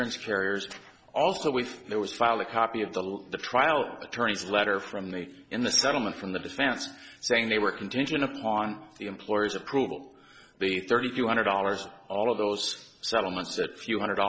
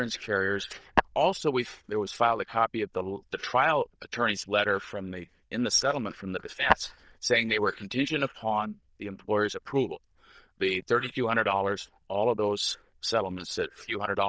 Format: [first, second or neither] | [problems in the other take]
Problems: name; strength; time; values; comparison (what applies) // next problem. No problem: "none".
first | noise reduction (neural diffusion model UNIVERSE++)